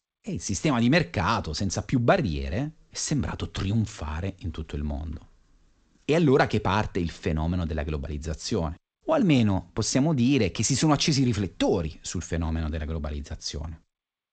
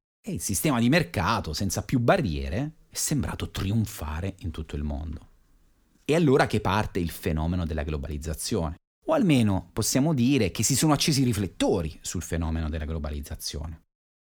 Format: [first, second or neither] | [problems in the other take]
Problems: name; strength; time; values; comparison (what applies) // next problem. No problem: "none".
second | garbled, watery; slightly; nothing above 8 kHz